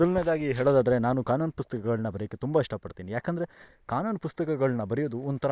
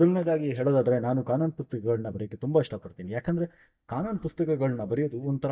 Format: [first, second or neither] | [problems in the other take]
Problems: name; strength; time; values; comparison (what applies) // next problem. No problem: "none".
first | noise reduction (neural mask model DeepFilterNet 3)